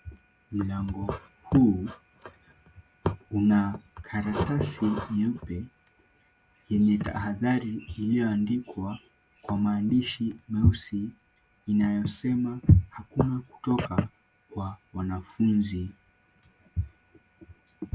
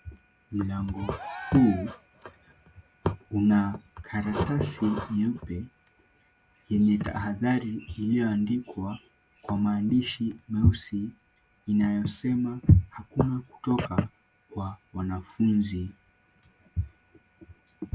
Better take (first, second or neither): first